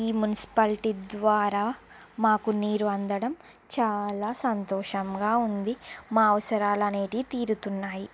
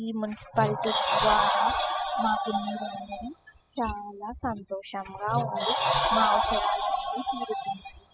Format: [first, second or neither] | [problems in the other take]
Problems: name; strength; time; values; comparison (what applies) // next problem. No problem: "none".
first | noise reduction (classical method spectral subtraction)